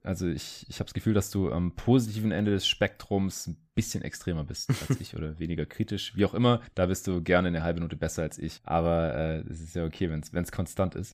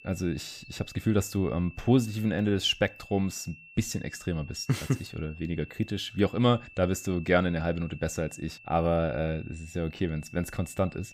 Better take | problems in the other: first | high-pitched whine; noticeable; throughout; 2.5 kHz, 20 dB below the speech

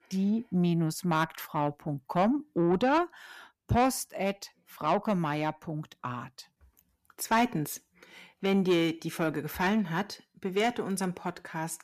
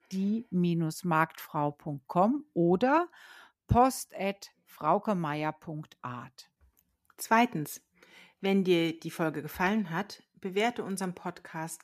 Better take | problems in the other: second | distortion; slight; 10 dB below the speech

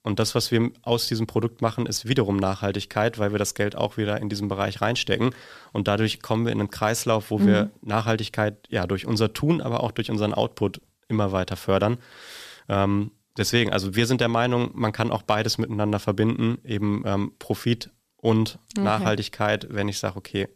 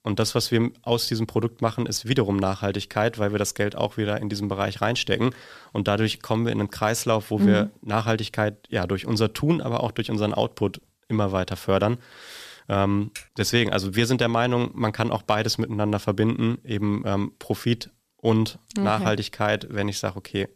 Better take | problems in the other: first | keyboard typing; faint; at 13 s; peak 15 dB below the speech

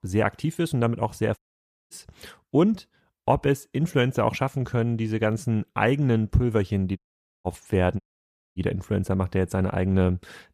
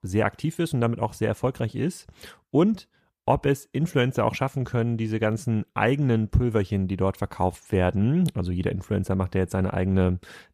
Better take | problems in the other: second | audio cutting out; at 1.5 s for 0.5 s, at 7 s and at 8 s for 0.5 s

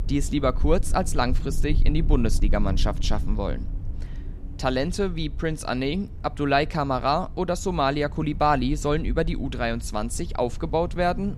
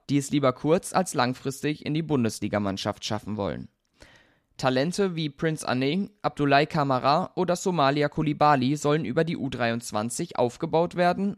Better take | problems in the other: second | wind noise on the microphone; occasional gusts; 20 dB below the speech

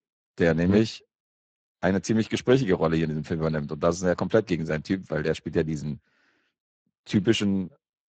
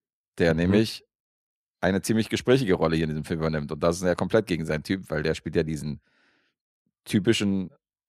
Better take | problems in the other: second | garbled, watery; badly; nothing above 7.5 kHz

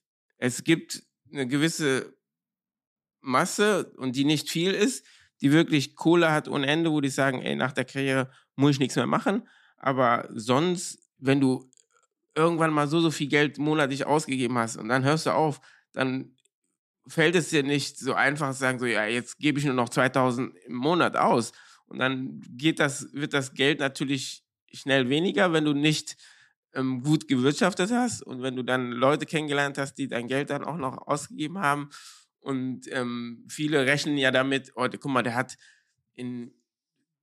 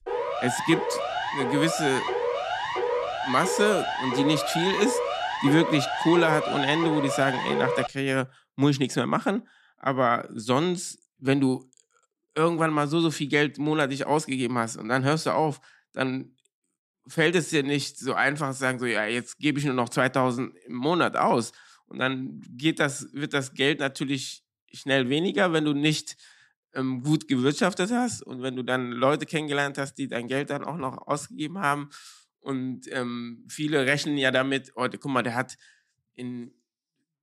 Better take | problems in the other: first | siren; noticeable; until 8 s; peak 1 dB below the speech

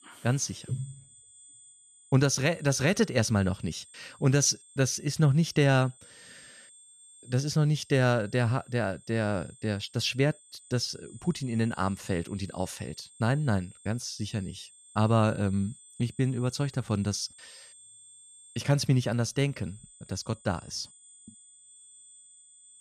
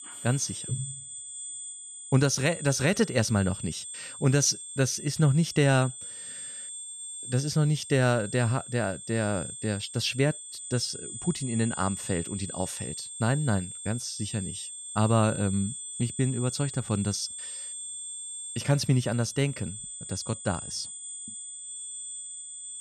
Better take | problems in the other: first | high-pitched whine; loud; throughout; 8 kHz, 9 dB below the speech; faint in the first

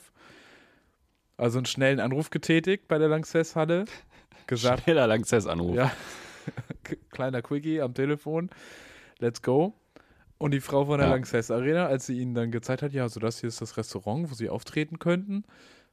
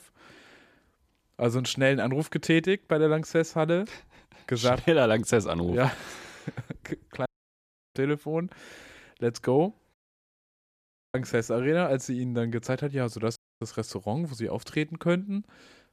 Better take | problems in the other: first | audio cutting out; at 7.5 s for 0.5 s, at 10 s for 1 s and at 13 s

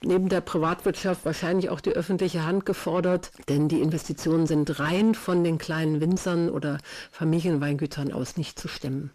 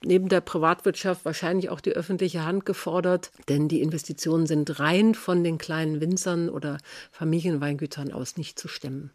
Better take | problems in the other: second | distortion; slight; 9 dB below the speech

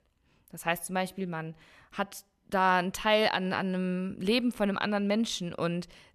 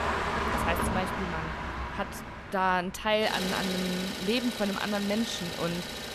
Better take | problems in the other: first | traffic noise; loud; throughout; 2 dB below the speech

